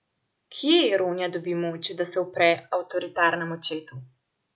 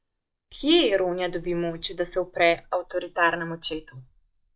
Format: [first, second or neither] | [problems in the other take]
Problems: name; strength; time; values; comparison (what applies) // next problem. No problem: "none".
first | noise reduction (neural mask model DeepFilterNet 3)